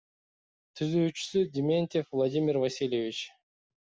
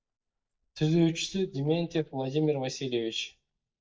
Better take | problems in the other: first | noise reduction (neural mask model DeepFilterNet 3)

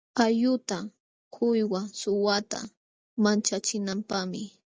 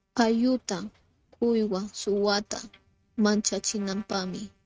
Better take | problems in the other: first | noise reduction (neural mask model RNNoise)

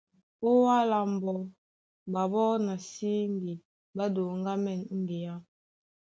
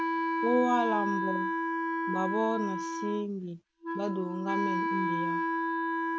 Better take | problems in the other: first | background sound (Wind instrument, woodwind instrument); 2 dB above the speech

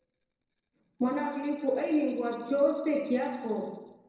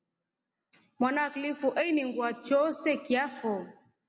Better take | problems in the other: second | noise reduction (neural separator model SepFormer DNS4)

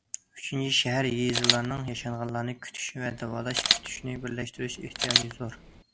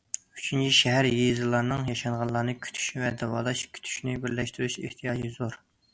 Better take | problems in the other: second | background sound (Camera); as loud as the speech

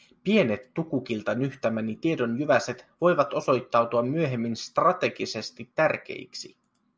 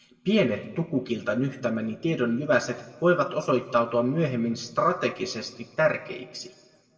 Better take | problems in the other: first | room echo; dies away in 1.2 s

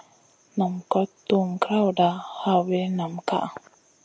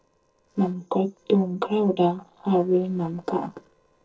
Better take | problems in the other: first | noise reduction (neural separator model SepFormer DNS4)

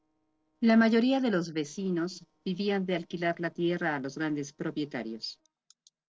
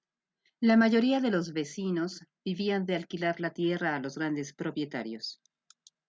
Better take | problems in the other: second | noise reduction (neural separator model SepFormer DNS4)

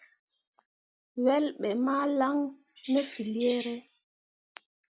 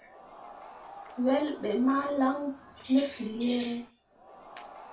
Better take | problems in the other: first | background sound (Crowd); 19 dB below the speech // room echo; dies away in 0.3 s

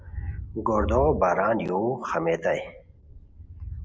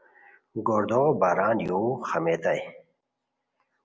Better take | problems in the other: second | background sound (Thunder); 10 dB below the speech

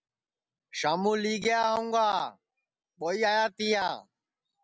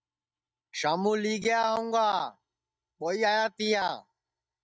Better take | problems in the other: first | noise reduction (neural mask model DeepFilterNet 3)

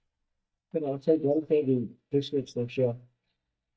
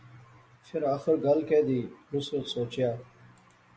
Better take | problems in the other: second | noise reduction (neural mask model DeepFilterNet 3)

